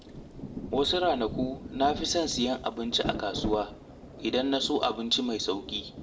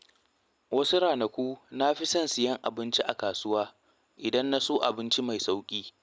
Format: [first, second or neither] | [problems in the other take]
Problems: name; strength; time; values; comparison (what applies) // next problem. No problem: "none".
second | background sound (Rain); 10 dB below the speech // room echo; dies away in 0.4 s